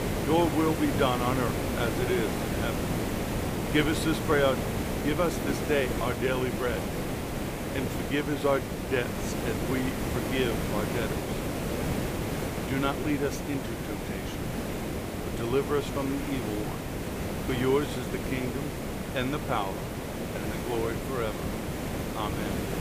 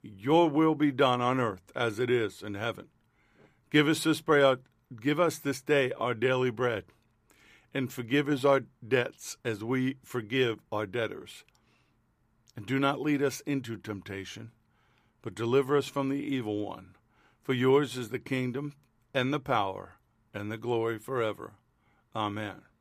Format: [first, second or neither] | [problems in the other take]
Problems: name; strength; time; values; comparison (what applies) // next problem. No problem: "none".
second | hiss; loud; throughout; 1 dB below the speech